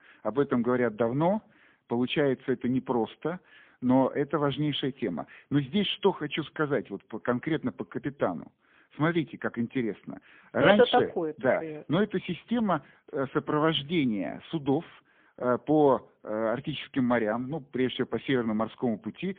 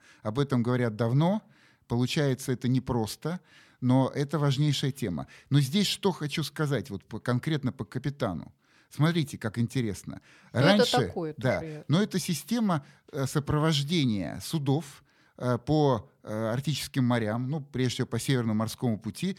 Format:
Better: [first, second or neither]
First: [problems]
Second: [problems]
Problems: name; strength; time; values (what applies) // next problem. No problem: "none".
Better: second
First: phone-call audio; poor line; nothing above 3.5 kHz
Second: none